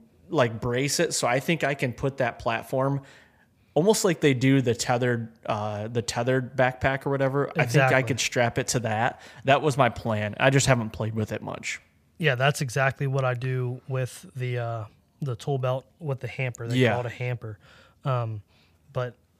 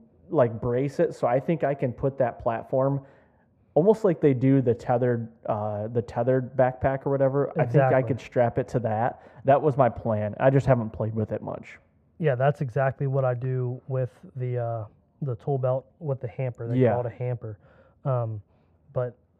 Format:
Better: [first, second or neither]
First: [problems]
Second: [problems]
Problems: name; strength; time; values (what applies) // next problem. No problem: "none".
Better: first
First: none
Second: muffled; very; fading above 2 kHz